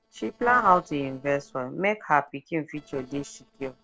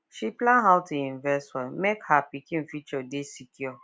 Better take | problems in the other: second | noise reduction (neural separator model SepFormer DNS4)

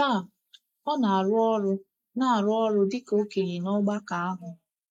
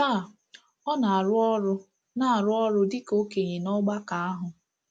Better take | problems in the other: second | noise reduction (neural mask model Resemble Enhance denoiser)

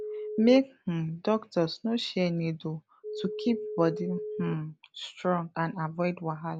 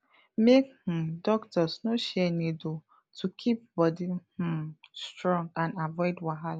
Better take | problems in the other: second | background sound (Telephone); 11 dB below the speech

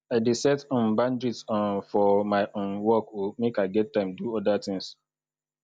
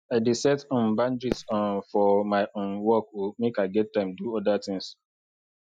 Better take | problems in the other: first | noise reduction (classical method Wiener filter)

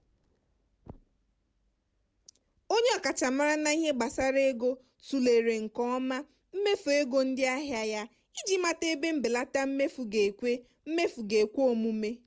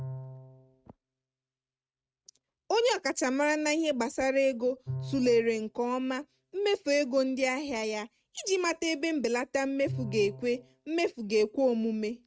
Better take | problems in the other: first | noise reduction (neural mask model RNNoise)

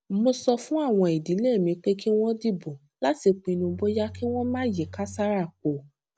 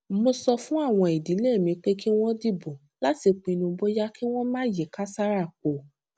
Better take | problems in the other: second | background sound (Bowed string instrument); 16 dB below the speech

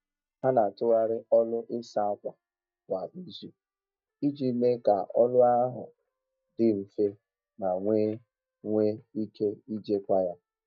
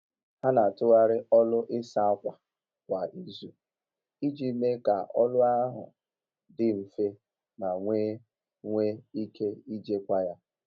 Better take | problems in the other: second | noise reduction (neural mask model DeepFilterNet 3)

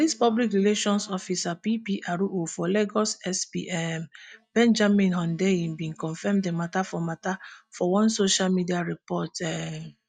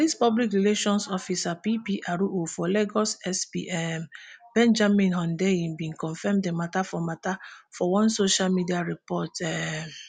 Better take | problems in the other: second | noise reduction (neural mask model DeepFilterNet 3)

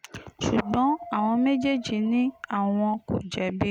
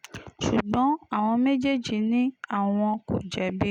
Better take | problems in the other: second | background sound (Dog); 19 dB below the speech

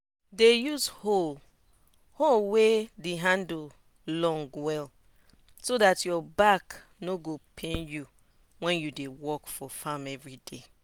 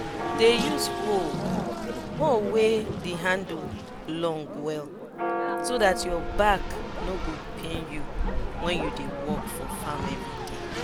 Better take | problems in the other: first | background sound (Race car, auto racing + Church bell); 2 dB below the speech

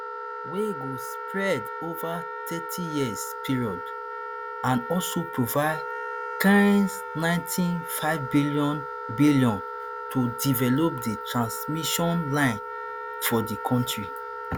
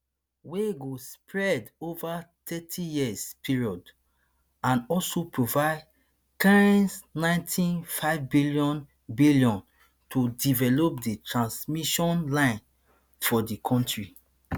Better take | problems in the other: second | background sound (Wind instrument, woodwind instrument); 8 dB below the speech

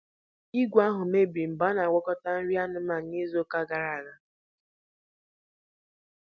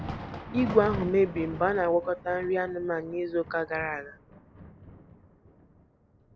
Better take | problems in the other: first | background sound (Thunder); 11 dB below the speech

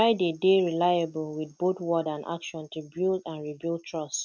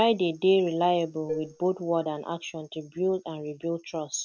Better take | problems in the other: first | background sound (Dishes, pots, and pans); 12 dB below the speech

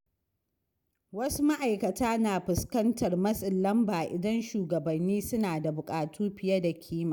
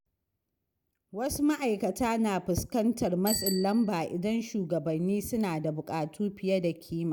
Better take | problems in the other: first | background sound (Bicycle bell); 11 dB below the speech

